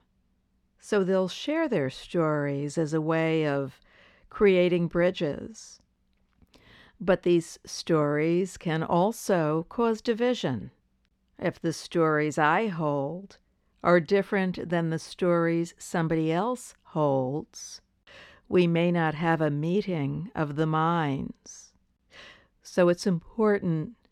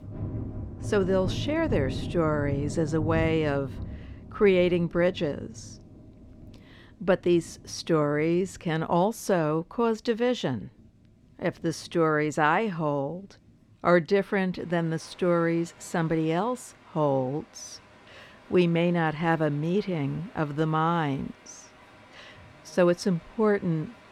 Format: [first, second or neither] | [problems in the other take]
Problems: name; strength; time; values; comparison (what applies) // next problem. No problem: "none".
first | rain or running water; noticeable; throughout; 10 dB below the speech